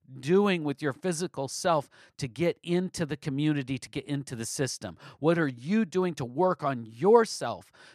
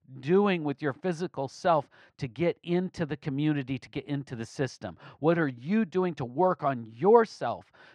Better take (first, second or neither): first